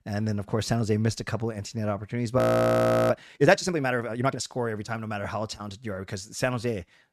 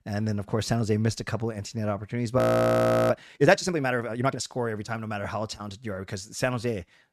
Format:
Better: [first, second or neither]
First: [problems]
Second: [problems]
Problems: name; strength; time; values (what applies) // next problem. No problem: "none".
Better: neither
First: audio freezing; at 2.5 s for 0.5 s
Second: audio freezing; at 2.5 s for 0.5 s